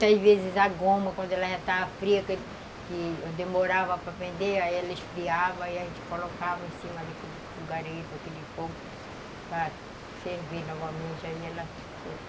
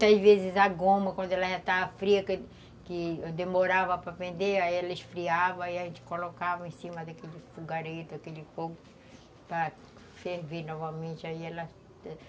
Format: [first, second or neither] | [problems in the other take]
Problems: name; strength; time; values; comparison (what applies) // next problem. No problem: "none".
second | background sound (Water); 12 dB below the speech